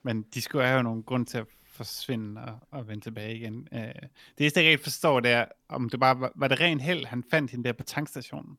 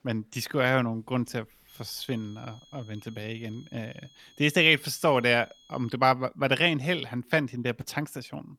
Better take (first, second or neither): first